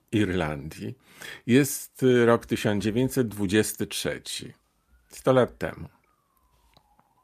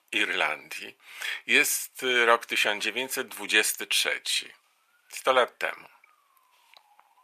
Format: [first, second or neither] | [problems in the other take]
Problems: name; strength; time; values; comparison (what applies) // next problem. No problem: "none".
first | thin; very; fading below 850 Hz